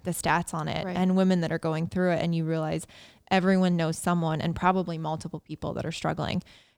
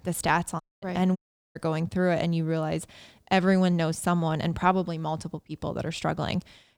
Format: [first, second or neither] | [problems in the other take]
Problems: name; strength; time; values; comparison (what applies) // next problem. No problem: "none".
first | audio cutting out; at 0.5 s and at 1 s